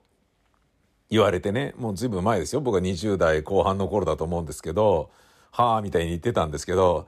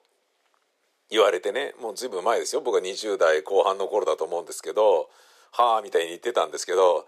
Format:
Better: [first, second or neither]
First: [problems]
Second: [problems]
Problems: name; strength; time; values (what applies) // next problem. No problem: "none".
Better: first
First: none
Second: thin; very; fading below 400 Hz